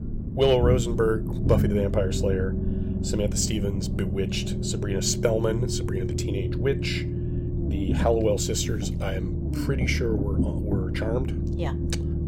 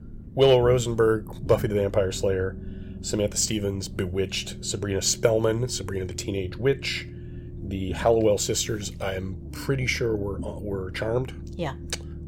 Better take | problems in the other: second | low rumble; loud; throughout; 7 dB below the speech; faint in the second

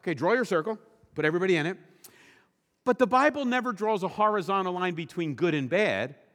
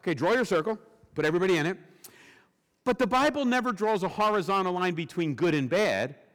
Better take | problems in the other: first | distortion; slight; 6% of the sound clipped

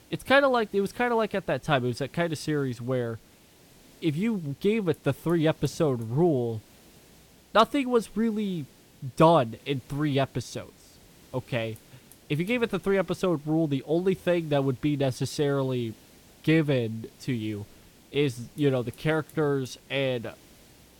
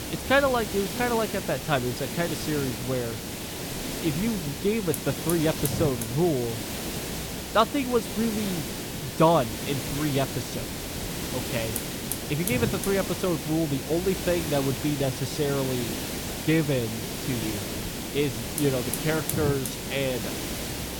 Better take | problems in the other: first | hiss; loud; throughout; 4 dB below the speech; faint in the first

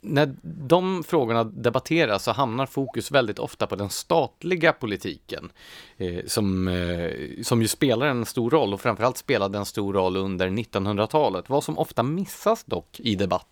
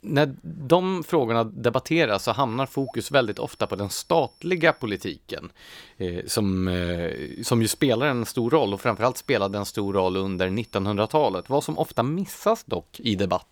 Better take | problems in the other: first | high-pitched whine; faint; from 2.5 to 5 s and from 7 to 12 s; 5.5 kHz, 30 dB below the speech

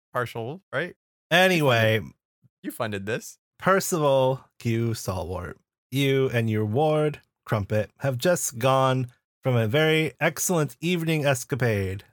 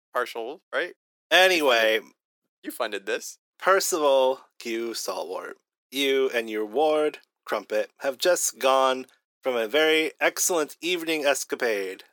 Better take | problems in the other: first | thin; somewhat; fading below 300 Hz

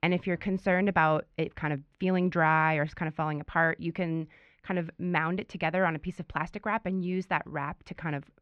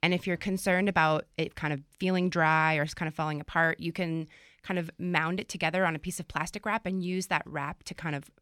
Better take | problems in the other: second | muffled; very; fading above 2 kHz

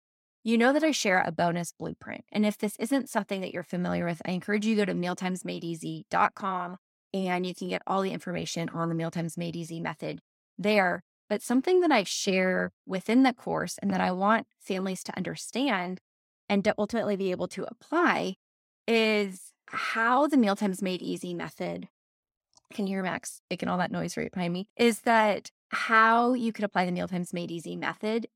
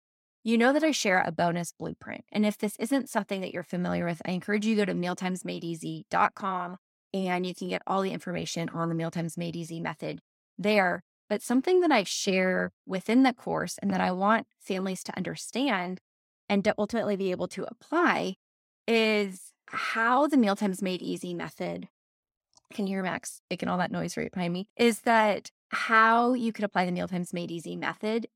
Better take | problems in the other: neither | none

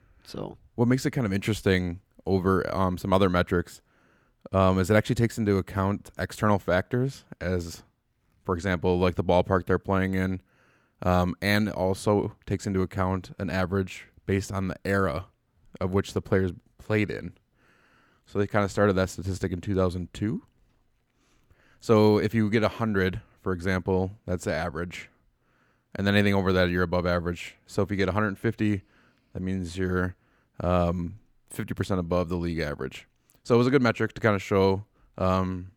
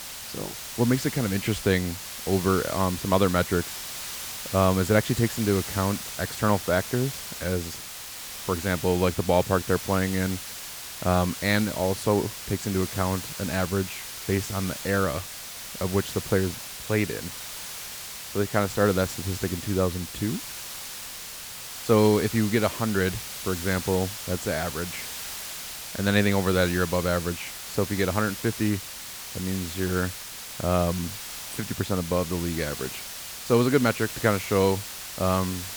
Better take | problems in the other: first | hiss; loud; throughout; 8 dB below the speech

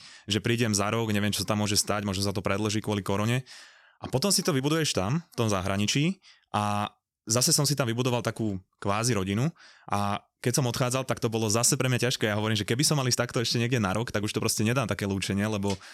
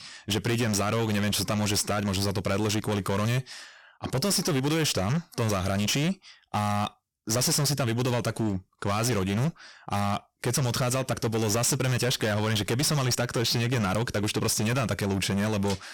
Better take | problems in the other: first | distortion; heavy; 25% of the sound clipped

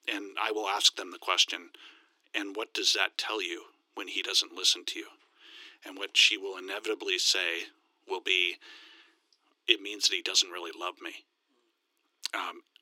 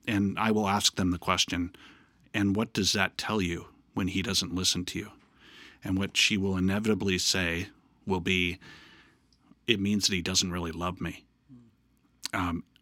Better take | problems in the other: second | thin; very; fading below 300 Hz

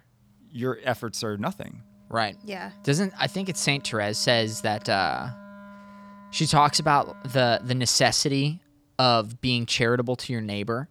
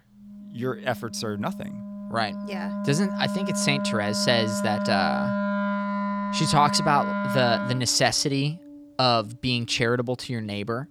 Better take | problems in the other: first | background music; loud; throughout; 4 dB below the speech; faint in the first

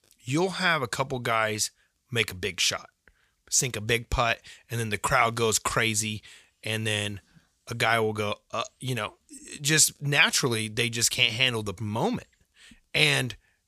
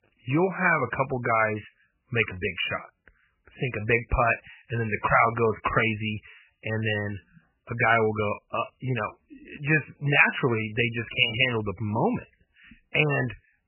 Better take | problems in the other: first | garbled, watery; badly; nothing above 3 kHz

